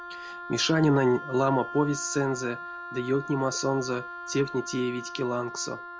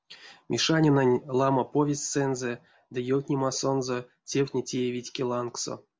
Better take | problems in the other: second | background sound (Wind instrument, woodwind instrument); 11 dB below the speech

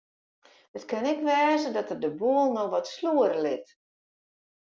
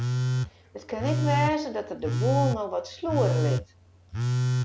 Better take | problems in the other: first | background sound (Telephone); 2 dB above the speech

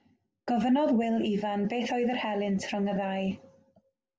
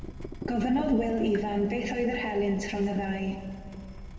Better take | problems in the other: first | background sound (Drip / Water tap, faucet); 12 dB below the speech // room echo; dies away in 1.7 s

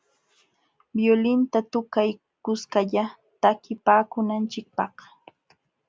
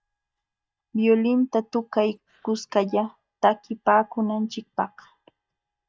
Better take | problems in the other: first | noise reduction (neural mask model DeepFilterNet 3)

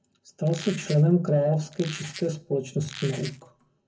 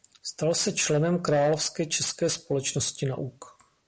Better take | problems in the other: second | background sound (Squeak); 15 dB below the speech // room echo; dies away in 0.3 s

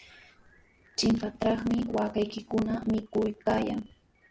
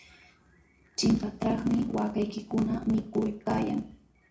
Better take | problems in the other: first | room echo; dies away in 0.4 s

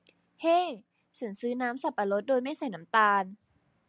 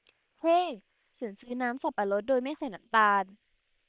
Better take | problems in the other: first | noise reduction (neural separator model SepFormer WHAM!)

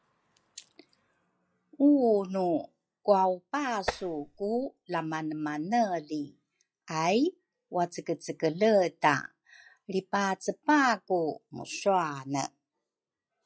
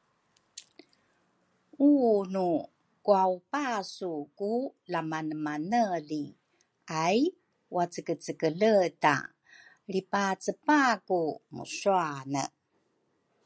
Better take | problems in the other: second | noise reduction (classical method log-MMSE)

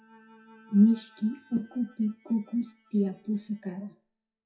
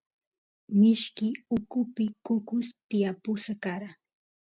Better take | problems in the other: second | noise reduction (classical method WPE with log-MMSE)

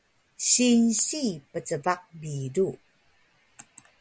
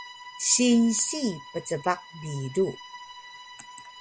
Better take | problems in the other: first | background sound (Bowed string instrument); 18 dB below the speech

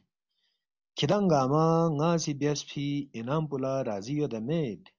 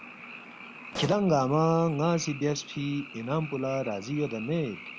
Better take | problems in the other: first | background sound (Explosion + Frog); 15 dB below the speech

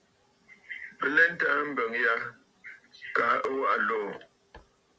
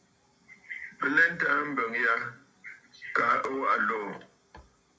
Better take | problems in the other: first | room echo; dies away in 0.2 s

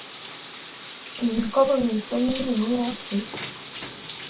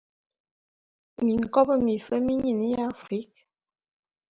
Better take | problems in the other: second | background sound (Bathtub (filling or washing)); 12 dB below the speech // room echo; dies away in 0.2 s

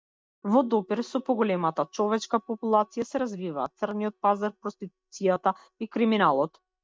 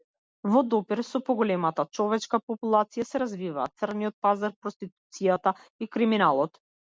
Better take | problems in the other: second | noise reduction (neural mask model DeepFilterNet 3)

